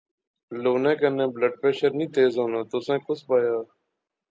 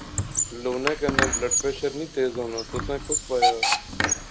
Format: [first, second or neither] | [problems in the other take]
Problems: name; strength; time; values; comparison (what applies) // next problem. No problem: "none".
first | background sound (Squeak + Hiss / Alarm / Train); 3 dB above the speech